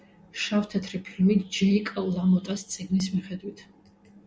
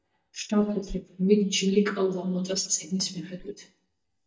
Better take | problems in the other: first | noise reduction (neural mask model DeepFilterNet 3)

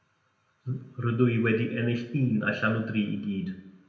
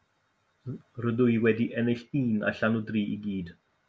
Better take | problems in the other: second | room echo; dies away in 0.7 s

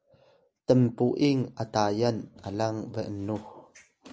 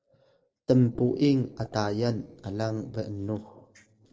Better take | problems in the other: first | noise reduction (neural separator model SepFormer DNS4)

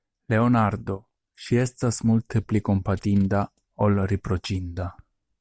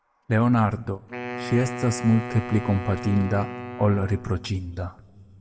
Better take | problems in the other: first | background sound (Wind instrument, woodwind instrument); 12 dB below the speech // room echo; dies away in 1.6 s

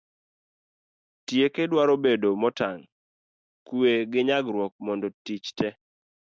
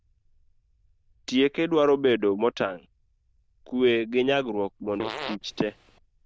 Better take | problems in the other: first | noise reduction (neural diffusion model UNIVERSE++)

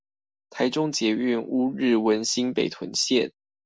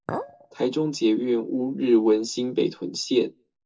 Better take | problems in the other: first | noise reduction (neural separator model SepFormer DNS4)

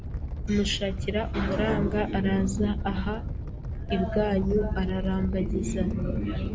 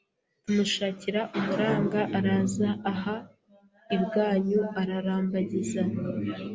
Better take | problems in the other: second | background sound (Animal); 4 dB below the speech

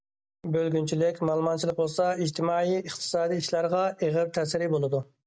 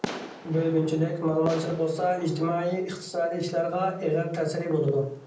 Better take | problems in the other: first | background sound (Fireworks); 15 dB below the speech // room echo; dies away in 0.6 s

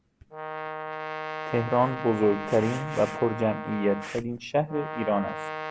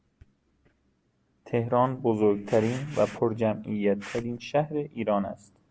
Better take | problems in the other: second | background sound (Brass instrument); 8 dB below the speech

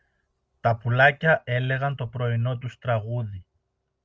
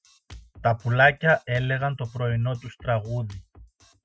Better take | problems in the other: first | noise reduction (classical method Wiener filter)

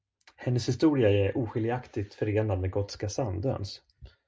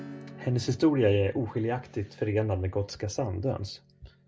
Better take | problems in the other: first | background sound (Acoustic guitar / Strum); 20 dB below the speech

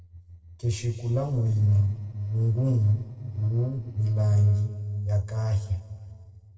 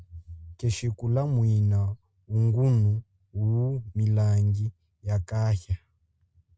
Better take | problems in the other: second | noise reduction (neural separator model SepFormer DNS4)

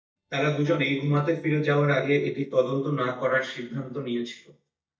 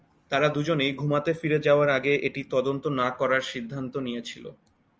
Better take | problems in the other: second | noise reduction (neural mask model DeepFilterNet 3)

